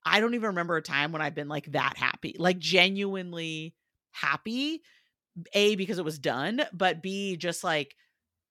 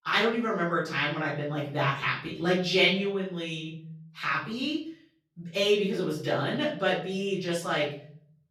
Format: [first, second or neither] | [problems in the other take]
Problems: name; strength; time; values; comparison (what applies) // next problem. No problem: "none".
first | room echo; noticeable; dies away in 0.7 s // off-mic speech; far